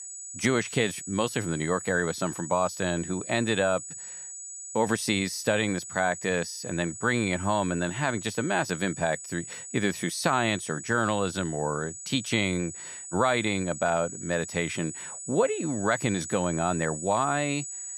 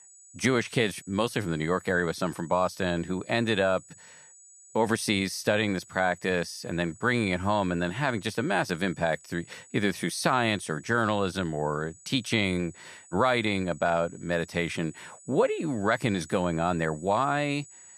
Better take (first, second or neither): second